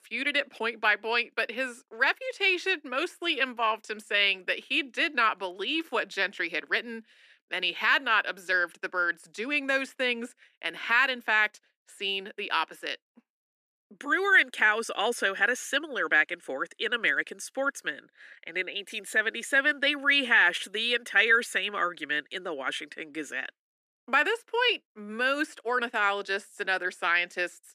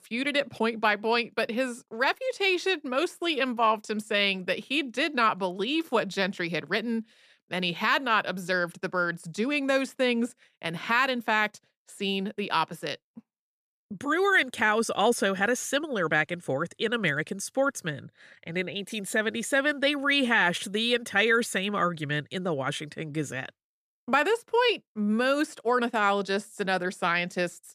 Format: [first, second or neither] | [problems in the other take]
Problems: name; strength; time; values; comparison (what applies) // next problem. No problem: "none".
second | thin; somewhat; fading below 300 Hz